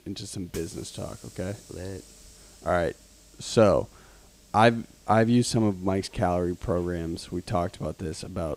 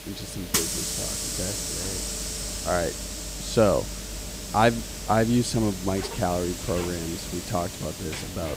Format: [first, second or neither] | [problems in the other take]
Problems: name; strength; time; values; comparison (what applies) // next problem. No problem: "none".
first | hiss; loud; throughout; 4 dB below the speech; faint in the first